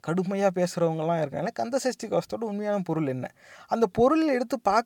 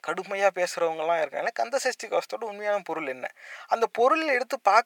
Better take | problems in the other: first | thin; very; fading below 650 Hz

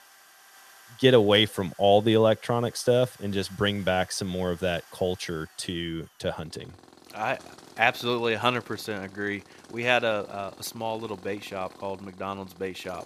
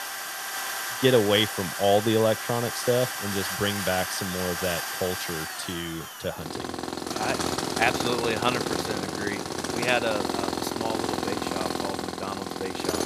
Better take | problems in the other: first | machinery noise; loud; throughout; 2 dB below the speech; faint in the first

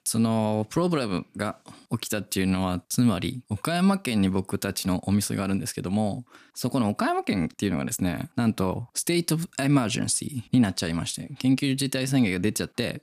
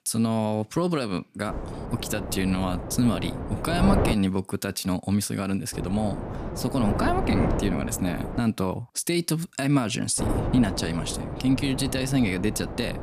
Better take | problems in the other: first | wind noise on the microphone; heavy; from 1.5 to 4 s, from 5.5 to 8.5 s and from 10 s on; 5 dB below the speech

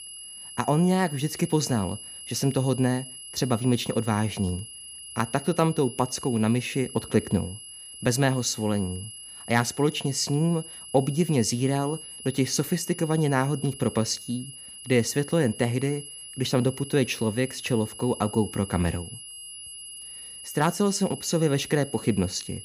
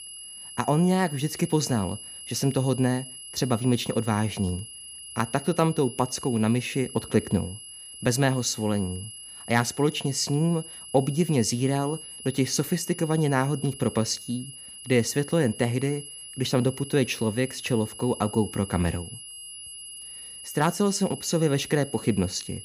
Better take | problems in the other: neither | high-pitched whine; noticeable; throughout; 11 kHz, 15 dB below the speech; the same in both

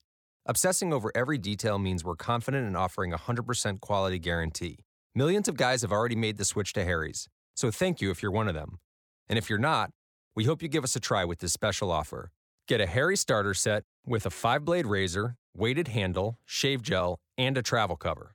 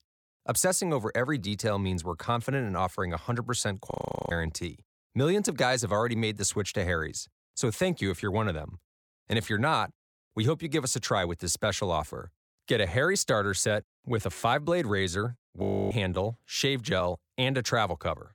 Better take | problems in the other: first | audio freezing; at 4 s and at 16 s

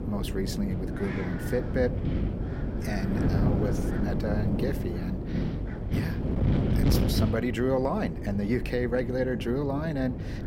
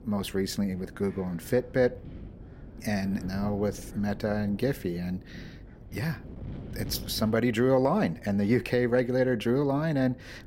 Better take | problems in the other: second | wind noise on the microphone; heavy; 4 dB below the speech; occasional gusts in the second

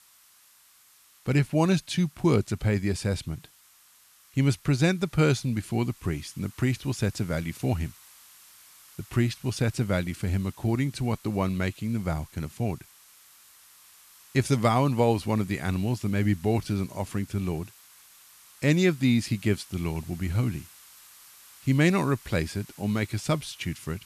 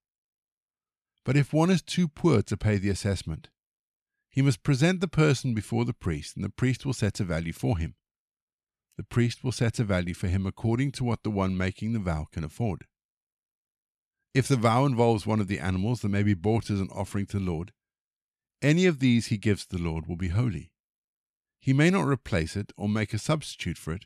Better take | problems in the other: second | hiss; faint; throughout; 25 dB below the speech

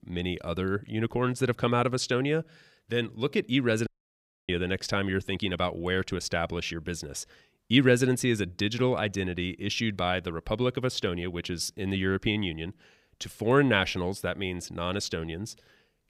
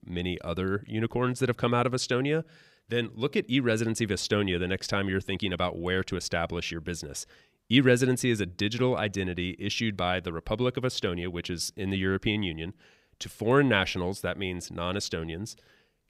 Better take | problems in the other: second | audio cutting out; at 4 s for 0.5 s

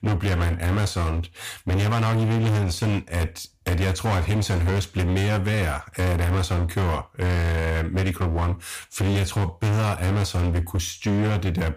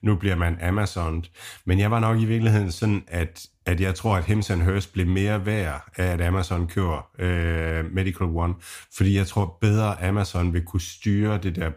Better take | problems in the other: second | distortion; heavy; 30% of the sound clipped

